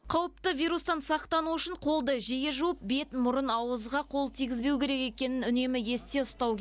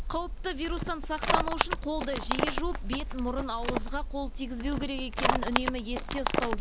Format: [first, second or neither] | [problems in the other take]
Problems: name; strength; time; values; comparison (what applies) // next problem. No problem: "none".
first | background sound (Livestock, farm animals, working animals); 3 dB above the speech